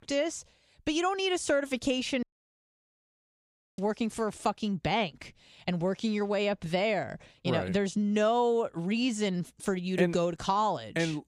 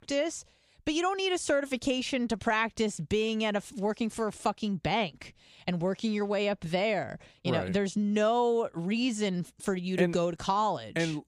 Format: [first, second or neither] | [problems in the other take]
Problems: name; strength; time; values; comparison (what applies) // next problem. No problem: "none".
second | audio cutting out; at 2 s for 1.5 s